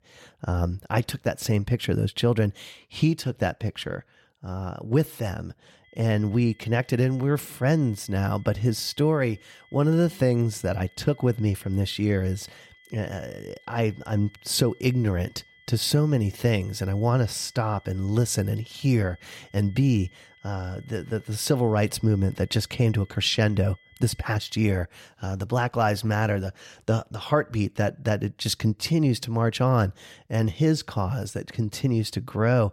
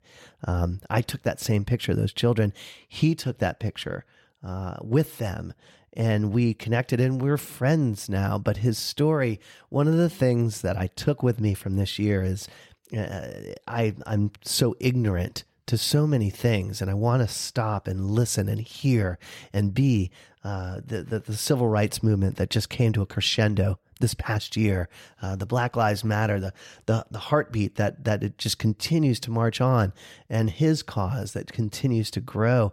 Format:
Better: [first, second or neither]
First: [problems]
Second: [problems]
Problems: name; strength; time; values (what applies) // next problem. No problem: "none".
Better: second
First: high-pitched whine; faint; from 6 to 25 s; 2 kHz, 30 dB below the speech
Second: none